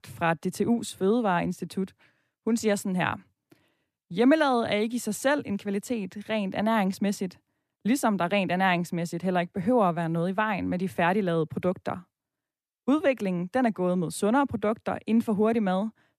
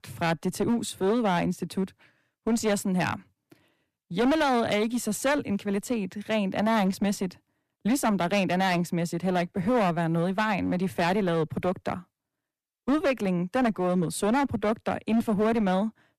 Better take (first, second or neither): first